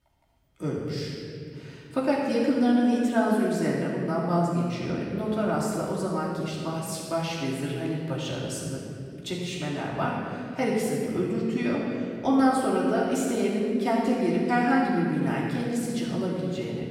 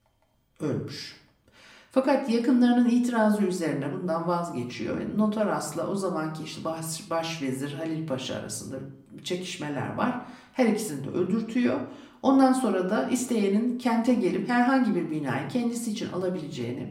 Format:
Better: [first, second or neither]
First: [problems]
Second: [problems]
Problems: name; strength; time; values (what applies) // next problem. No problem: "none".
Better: second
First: room echo; strong; dies away in 2.5 s // off-mic speech; far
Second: room echo; slight; dies away in 0.5 s // off-mic speech; somewhat distant